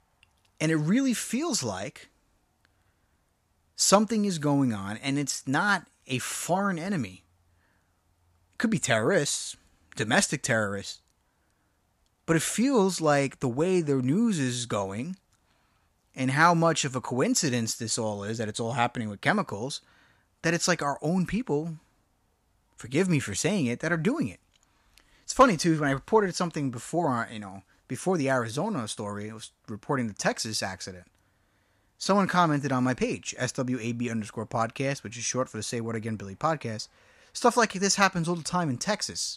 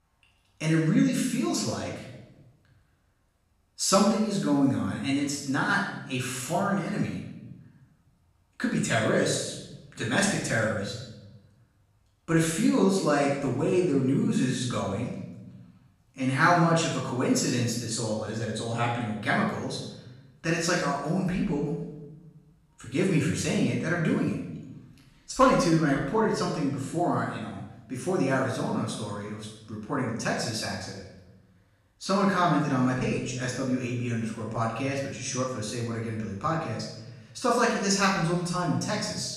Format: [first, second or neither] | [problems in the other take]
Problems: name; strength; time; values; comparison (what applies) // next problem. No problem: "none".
first | off-mic speech; far // room echo; noticeable; dies away in 0.9 s